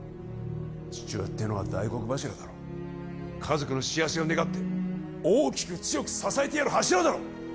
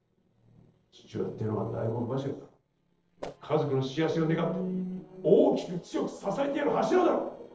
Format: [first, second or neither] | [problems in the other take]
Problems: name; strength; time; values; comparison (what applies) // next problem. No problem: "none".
first | noise reduction (neural separator model SepFormer DNS4)